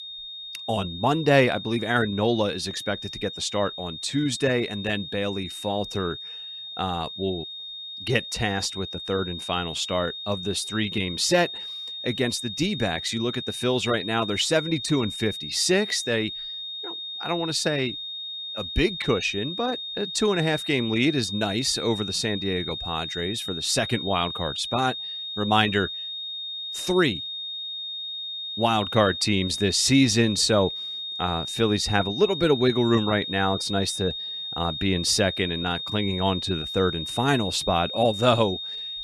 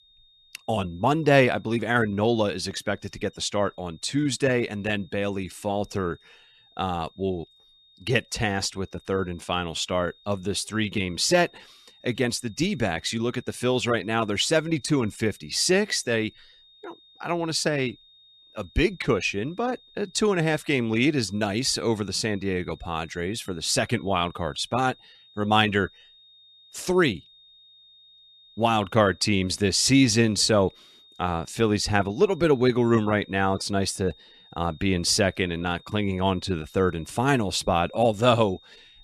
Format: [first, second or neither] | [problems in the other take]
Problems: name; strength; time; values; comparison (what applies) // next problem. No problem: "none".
second | high-pitched whine; loud; throughout; 3.5 kHz, 7 dB below the speech; faint in the second